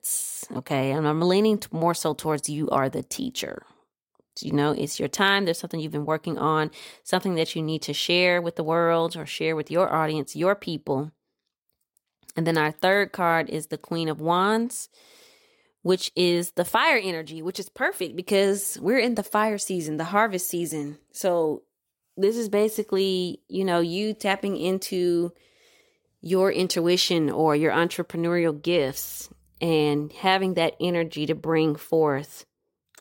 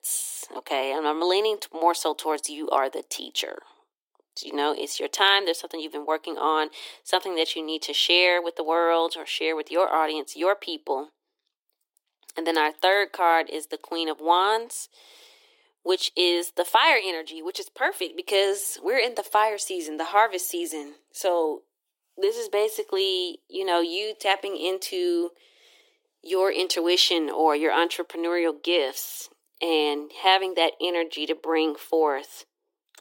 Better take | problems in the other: first | thin; very; fading below 300 Hz

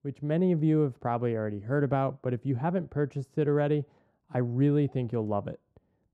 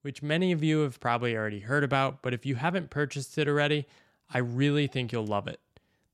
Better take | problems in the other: second | muffled; very; fading above 1.5 kHz

